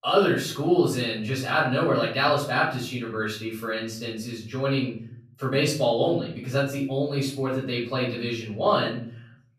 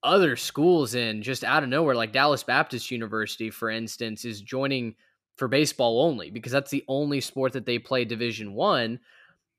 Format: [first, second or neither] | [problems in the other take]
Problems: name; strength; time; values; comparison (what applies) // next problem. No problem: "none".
second | room echo; noticeable; dies away in 0.5 s // off-mic speech; far